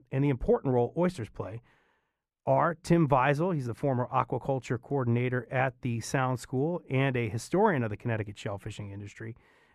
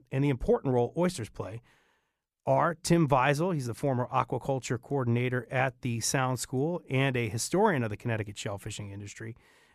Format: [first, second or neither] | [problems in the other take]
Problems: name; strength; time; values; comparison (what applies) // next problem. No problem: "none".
second | muffled; slightly; fading above 3 kHz